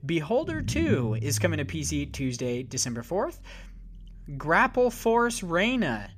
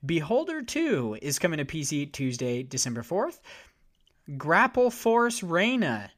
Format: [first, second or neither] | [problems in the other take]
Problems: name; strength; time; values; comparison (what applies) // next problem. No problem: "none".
second | low rumble; noticeable; throughout; 20 dB below the speech